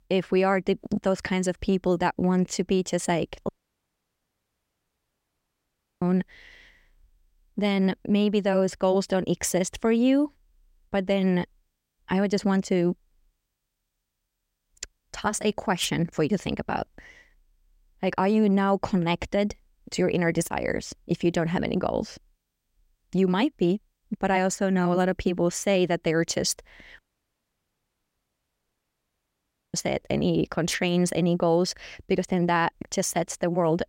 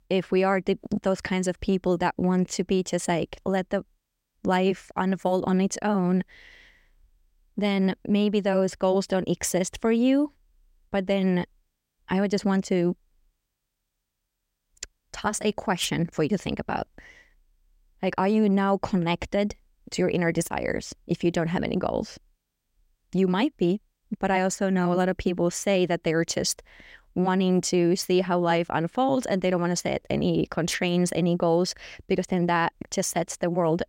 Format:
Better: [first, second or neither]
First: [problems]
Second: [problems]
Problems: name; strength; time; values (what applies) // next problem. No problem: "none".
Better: second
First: audio cutting out; at 3.5 s for 2.5 s and at 27 s for 3 s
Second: none